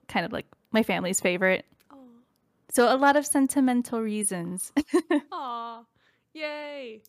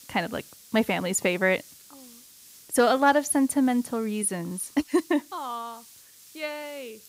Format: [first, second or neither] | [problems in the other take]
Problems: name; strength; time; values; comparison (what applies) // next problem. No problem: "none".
first | hiss; faint; throughout; 20 dB below the speech